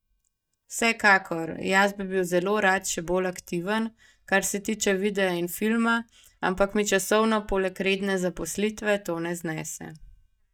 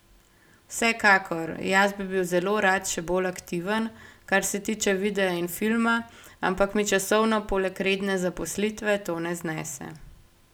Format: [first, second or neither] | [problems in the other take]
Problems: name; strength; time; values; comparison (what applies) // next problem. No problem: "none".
second | noise reduction (neural mask model DeepFilterNet 3)